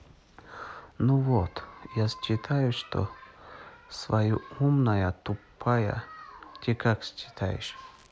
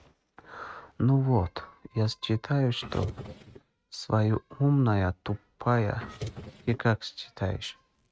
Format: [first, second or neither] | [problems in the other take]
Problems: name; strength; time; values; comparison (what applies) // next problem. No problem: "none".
first | noise reduction (neural mask model RNNoise)